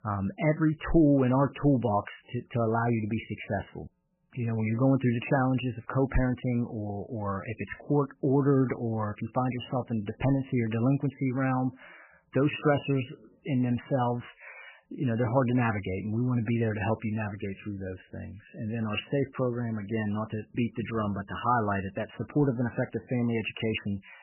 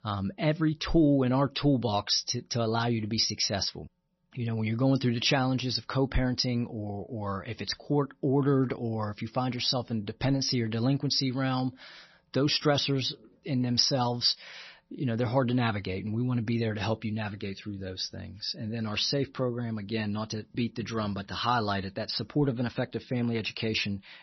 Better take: second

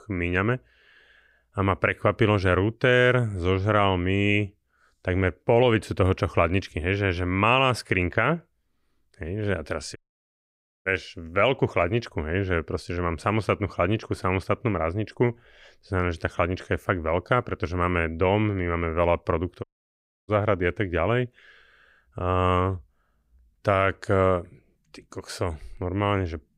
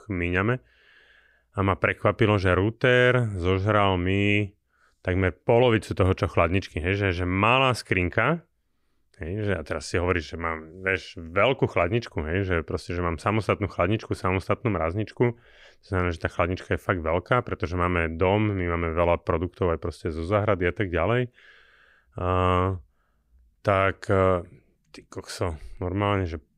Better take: second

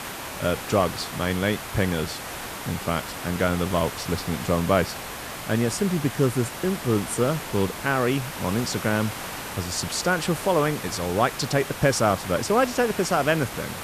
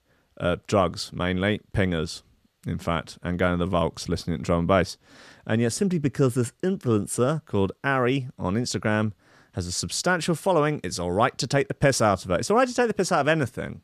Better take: second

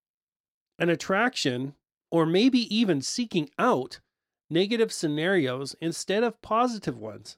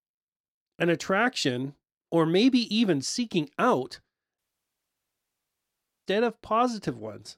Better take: first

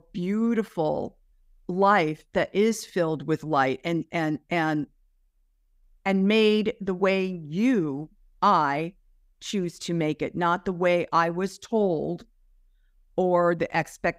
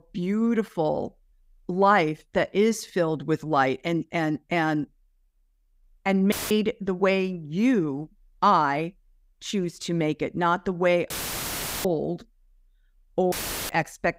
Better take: first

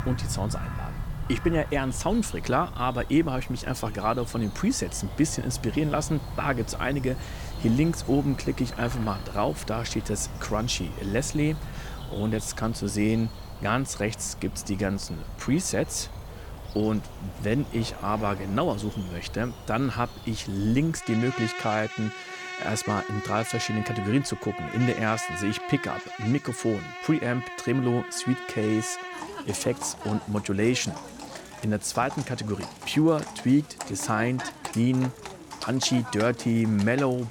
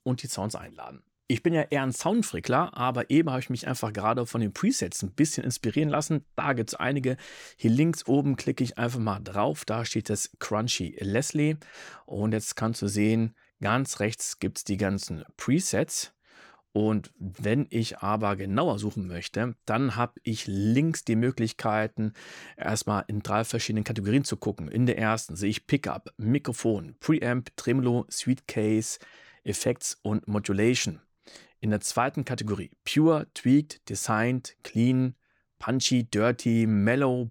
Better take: second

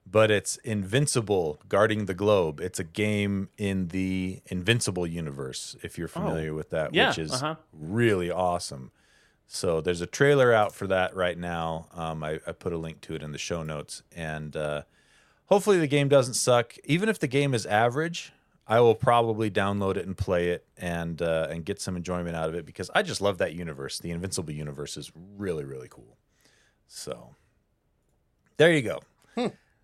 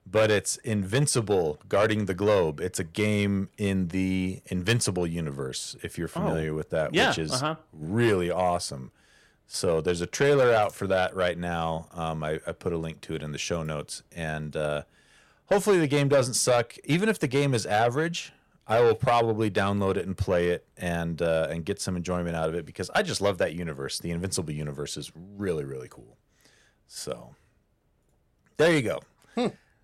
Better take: first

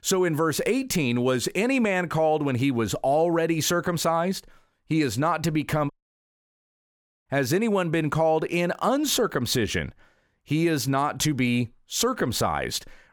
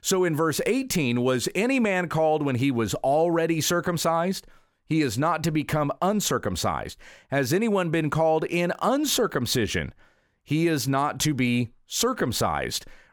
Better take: second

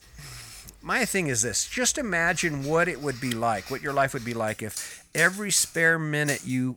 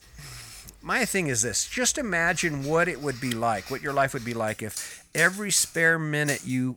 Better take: neither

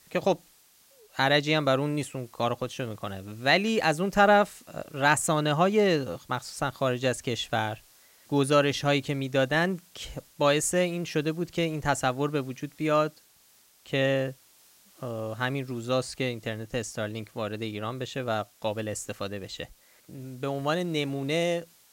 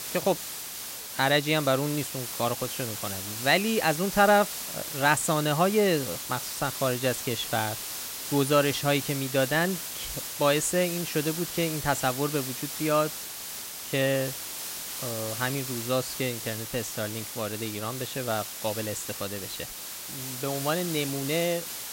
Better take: first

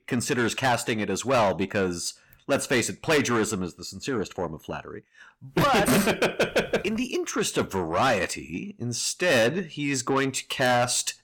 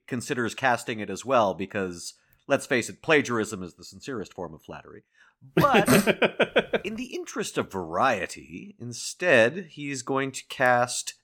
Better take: second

